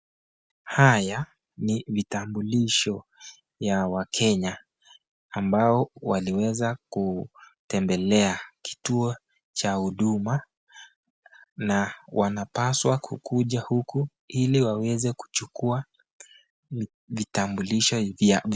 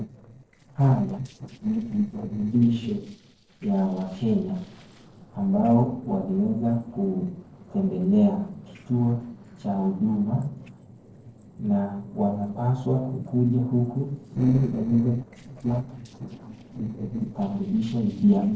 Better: first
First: none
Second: noise reduction (neural separator model SepFormer DNS4)

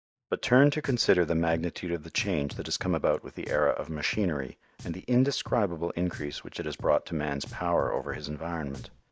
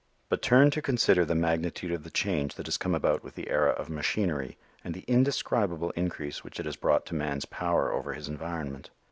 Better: second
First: noise reduction (neural mask model DeepFilterNet 3)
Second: none

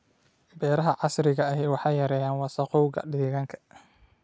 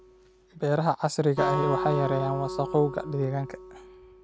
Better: first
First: none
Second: background sound (Acoustic guitar); 7 dB below the speech

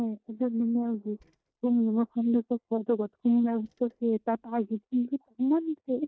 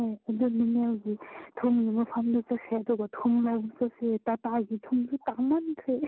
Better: second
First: noise reduction (neural mask model DeepFilterNet 3)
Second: none

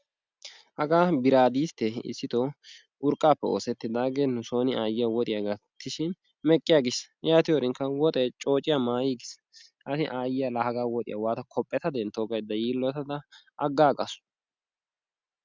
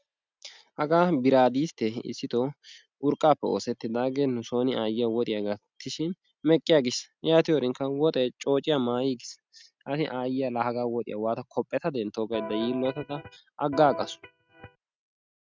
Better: first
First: none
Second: noise reduction (neural mask model RNNoise)

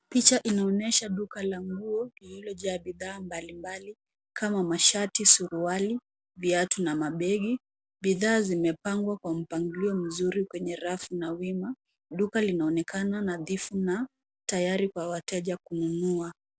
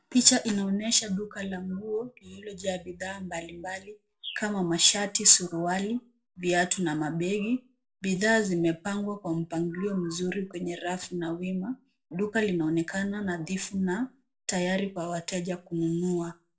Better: first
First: none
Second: background sound (Bird); 17 dB below the speech // room echo; dies away in 0.3 s

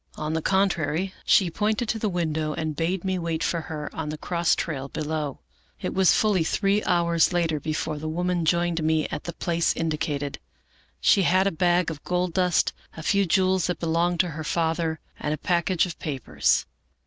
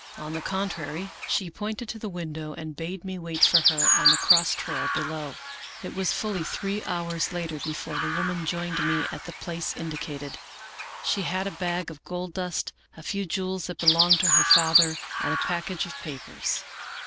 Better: first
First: none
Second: background sound (Chirp, tweet); 2 dB above the speech

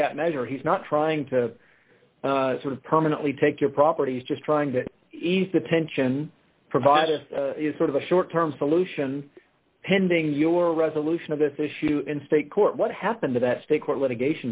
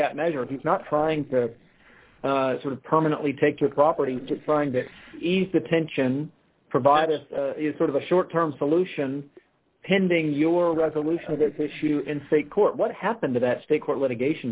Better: first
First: none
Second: noise reduction (neural separator model SepFormer DNS4)

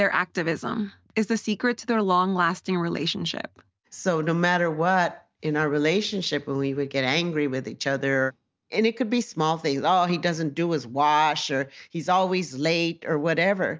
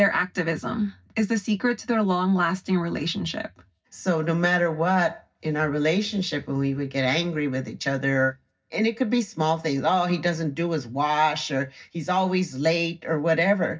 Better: first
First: none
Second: room echo; dies away in 0.4 s

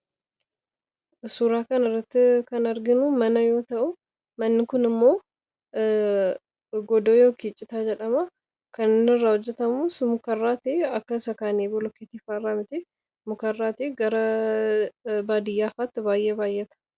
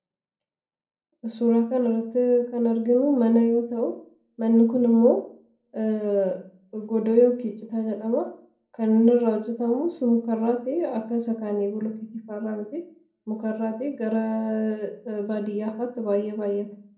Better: first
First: none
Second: room echo; dies away in 0.6 s

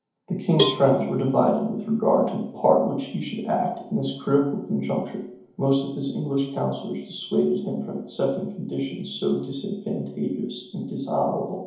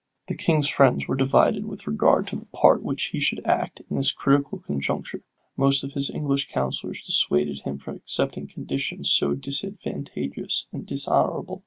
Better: second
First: background sound (Cowbell); 6 dB below the speech // room echo; dies away in 0.8 s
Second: none

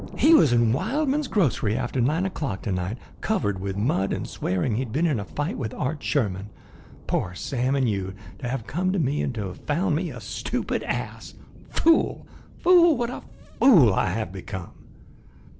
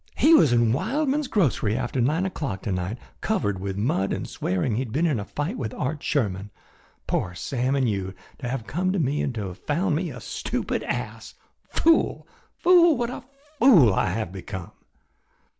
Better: second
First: background sound (Thunder); 17 dB below the speech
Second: none

